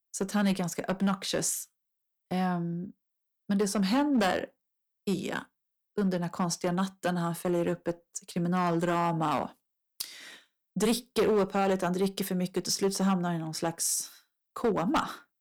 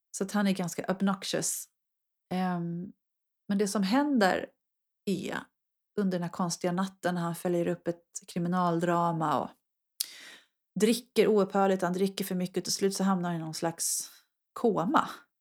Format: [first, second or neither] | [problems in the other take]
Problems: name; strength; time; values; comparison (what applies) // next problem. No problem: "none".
second | distortion; slight; 4% of the sound clipped